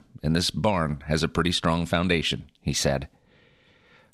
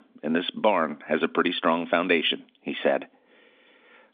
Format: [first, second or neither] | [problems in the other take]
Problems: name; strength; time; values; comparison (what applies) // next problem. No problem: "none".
first | phone-call audio